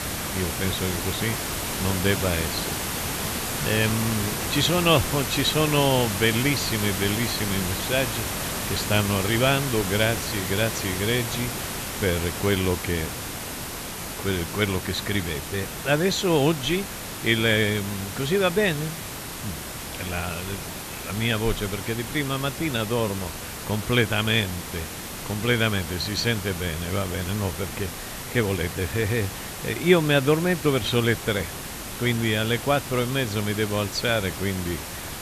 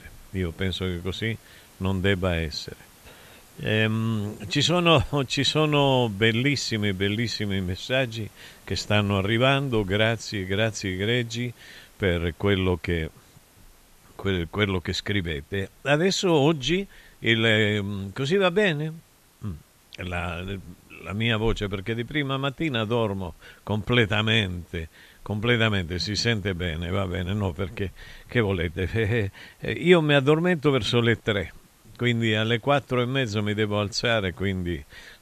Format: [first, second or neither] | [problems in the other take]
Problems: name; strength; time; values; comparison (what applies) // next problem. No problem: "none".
second | hiss; loud; throughout; 5 dB below the speech; faint in the second